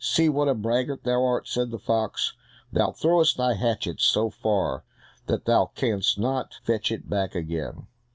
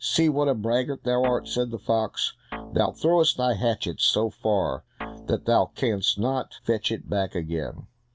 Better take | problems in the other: first | background sound (Guitar); 16 dB below the speech

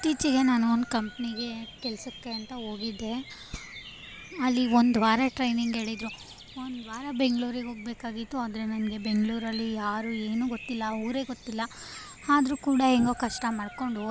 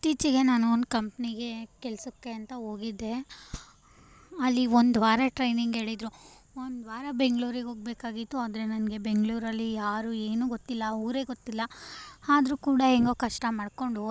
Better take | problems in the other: second | background sound (Bird vocalization, bird call, bird song); 16 dB below the speech

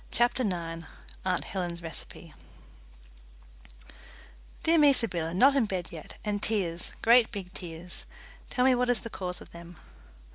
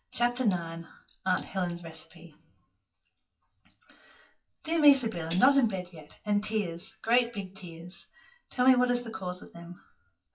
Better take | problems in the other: first | noise reduction (classical method WPE with log-MMSE)

